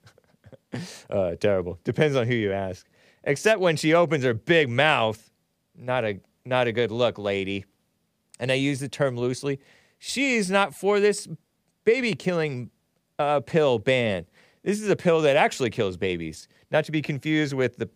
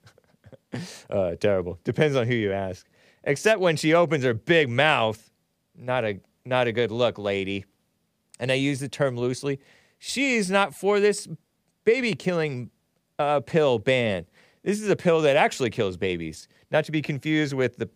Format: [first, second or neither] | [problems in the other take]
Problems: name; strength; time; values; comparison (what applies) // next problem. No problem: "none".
neither | none